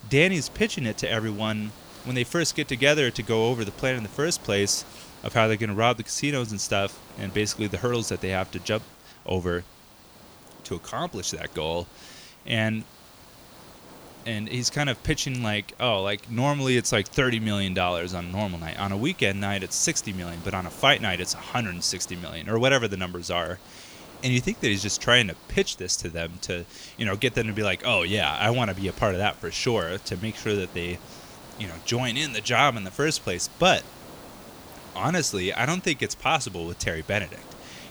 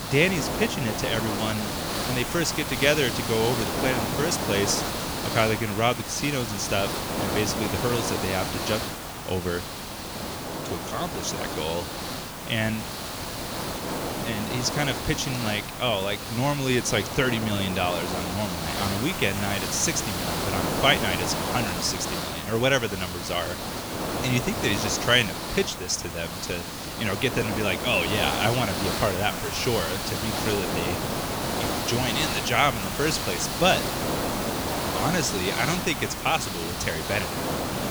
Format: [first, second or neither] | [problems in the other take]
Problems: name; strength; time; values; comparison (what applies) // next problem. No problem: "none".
first | hiss; loud; throughout; 3 dB below the speech; faint in the first